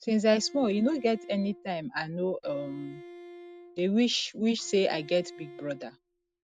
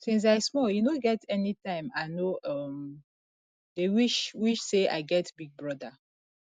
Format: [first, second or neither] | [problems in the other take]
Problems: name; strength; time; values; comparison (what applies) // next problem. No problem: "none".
second | background sound (Bowed string instrument); 19 dB below the speech